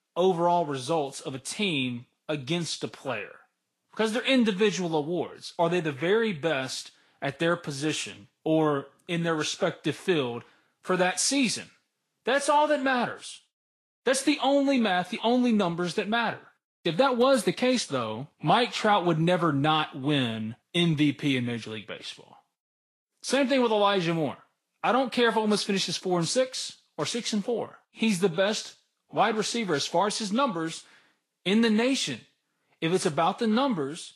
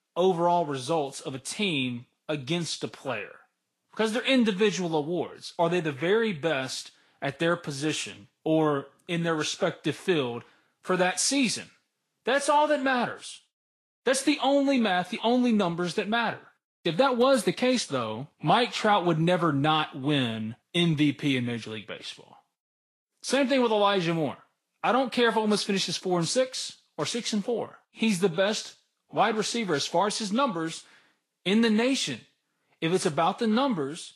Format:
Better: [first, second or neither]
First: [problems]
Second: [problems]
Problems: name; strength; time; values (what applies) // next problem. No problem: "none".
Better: neither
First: garbled, watery; slightly; nothing above 10.5 kHz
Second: garbled, watery; slightly; nothing above 10.5 kHz